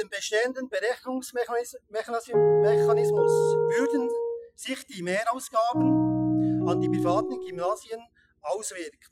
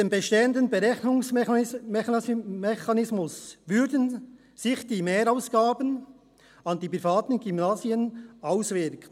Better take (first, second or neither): second